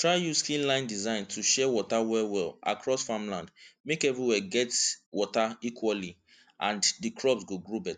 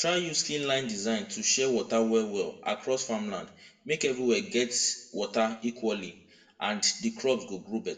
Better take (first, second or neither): first